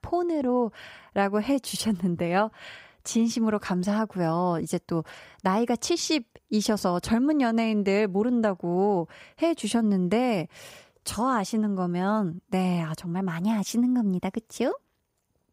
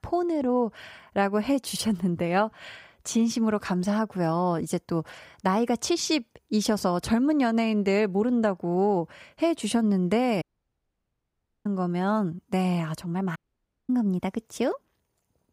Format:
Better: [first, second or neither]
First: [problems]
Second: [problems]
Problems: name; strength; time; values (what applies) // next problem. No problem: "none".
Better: first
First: none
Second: audio cutting out; at 10 s for 1 s and at 13 s for 0.5 s